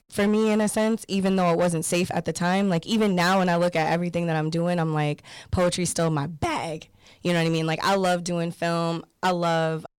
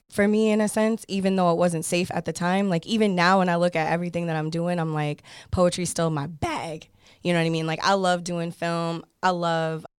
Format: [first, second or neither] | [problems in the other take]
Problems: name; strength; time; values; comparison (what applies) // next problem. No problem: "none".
second | distortion; slight; 9% of the sound clipped